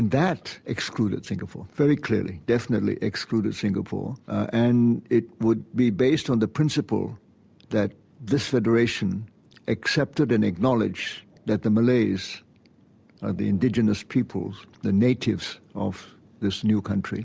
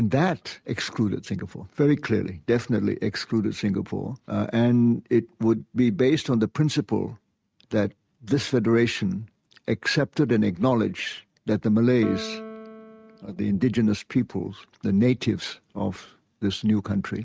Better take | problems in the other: first | noise reduction (neural mask model RNNoise)

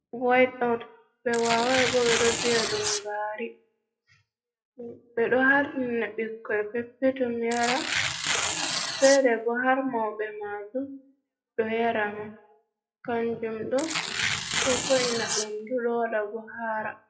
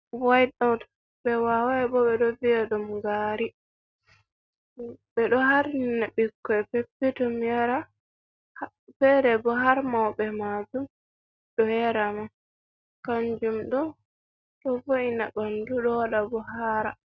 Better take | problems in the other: second | noise reduction (classical method WPE with log-MMSE)

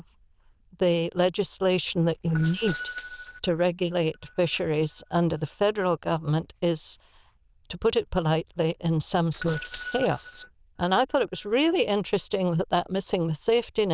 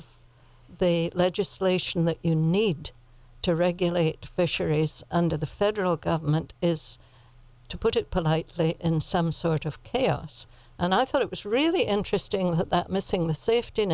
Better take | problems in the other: second | noise reduction (neural diffusion model UNIVERSE++)

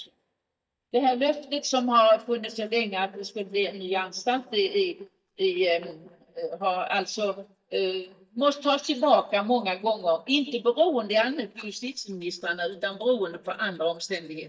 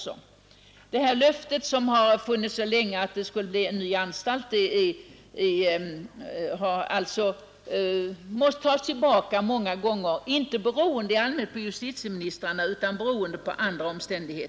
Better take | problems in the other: second | noise reduction (neural mask model DeepFilterNet 3)

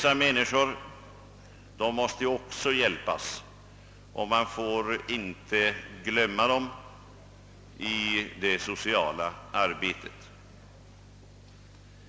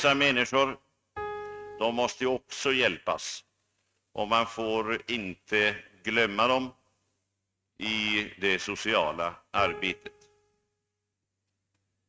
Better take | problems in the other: first | noise reduction (neural mask model RNNoise)

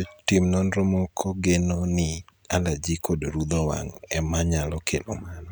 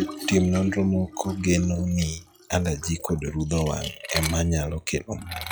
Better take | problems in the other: first | noise reduction (classical method log-MMSE)

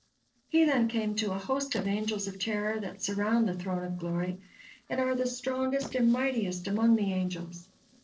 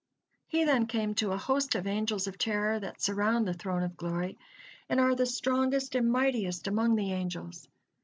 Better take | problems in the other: second | noise reduction (neural separator model SepFormer DNS4)

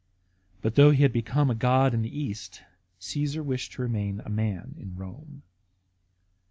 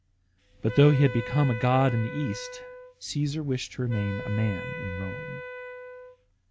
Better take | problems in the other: first | background sound (Wind instrument, woodwind instrument); 12 dB below the speech

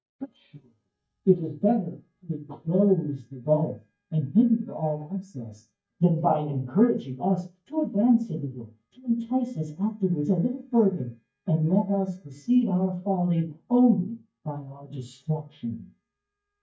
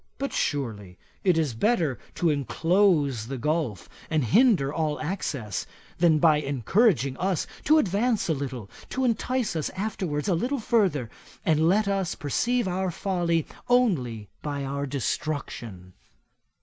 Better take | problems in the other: second | noise reduction (neural mask model DeepFilterNet 3)

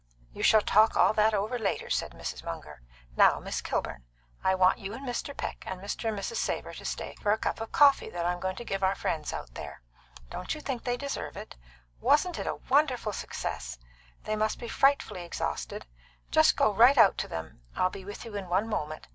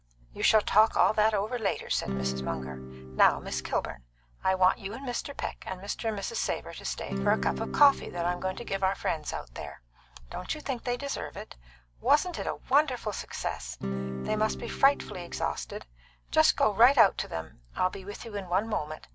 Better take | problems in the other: first | background sound (Acoustic guitar / Strum); 7 dB below the speech

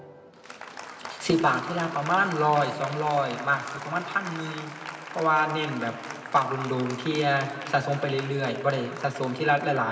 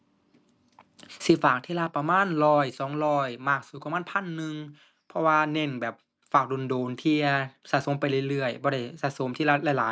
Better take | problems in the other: second | background sound (Applause); 13 dB below the speech // room echo; dies away in 1.9 s

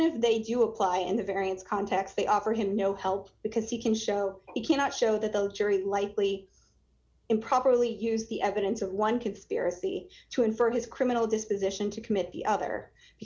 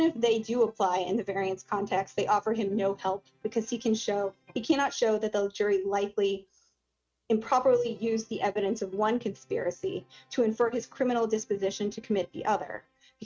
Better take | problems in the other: first | noise reduction (neural mask model RNNoise)

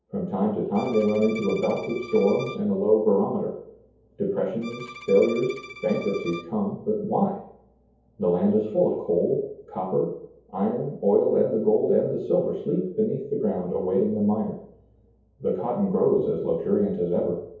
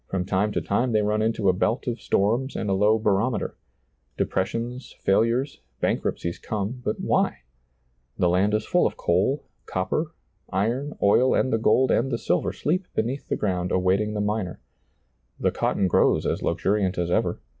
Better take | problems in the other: second | background sound (Bowed string instrument); 17 dB below the speech // room echo; dies away in 0.7 s

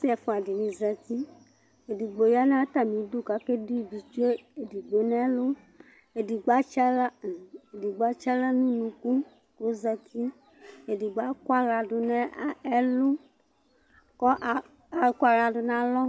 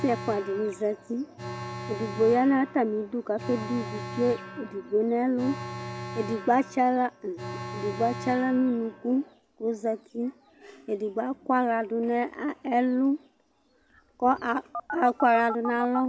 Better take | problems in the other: first | background sound (Alarm); 12 dB below the speech

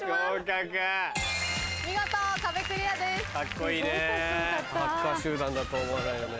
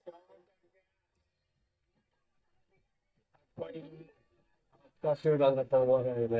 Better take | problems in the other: first | noise reduction (neural mask model DeepFilterNet 3)

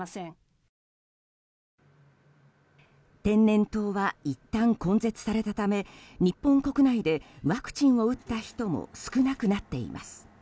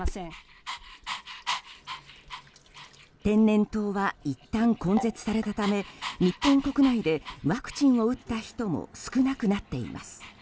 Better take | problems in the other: first | background sound (Sink (filling or washing) + Dog); 12 dB below the speech

